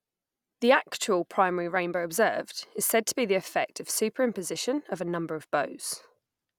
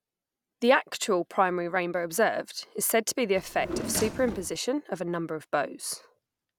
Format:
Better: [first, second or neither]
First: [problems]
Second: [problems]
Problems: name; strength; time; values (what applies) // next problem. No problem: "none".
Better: first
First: none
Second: background sound (Drawer open or close); 7 dB below the speech